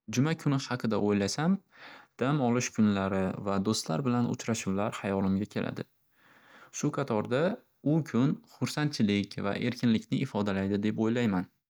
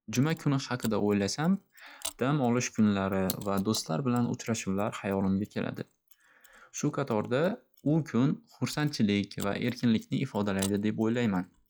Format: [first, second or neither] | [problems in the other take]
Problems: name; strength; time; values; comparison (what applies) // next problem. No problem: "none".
first | noise reduction (classical method log-MMSE)